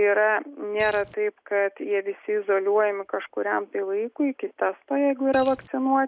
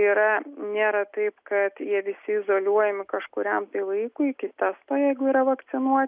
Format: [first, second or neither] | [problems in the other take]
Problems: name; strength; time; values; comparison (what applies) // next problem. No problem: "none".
second | background sound (Coin (dropping)); 17 dB below the speech